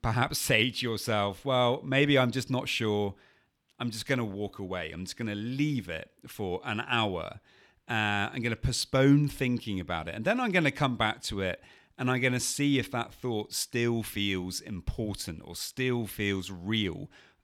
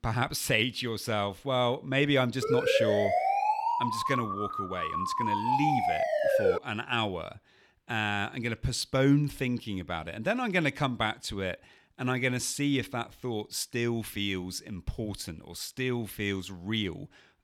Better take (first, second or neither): first